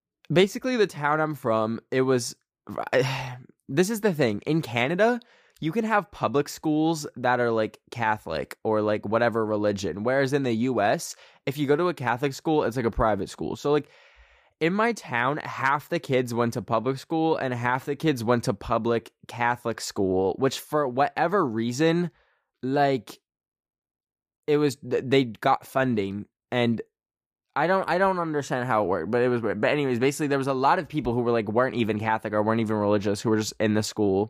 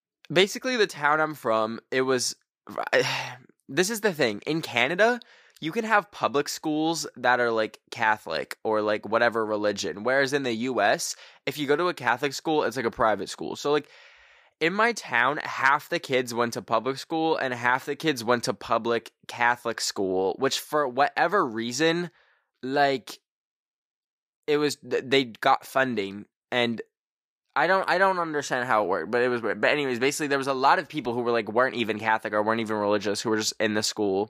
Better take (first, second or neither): first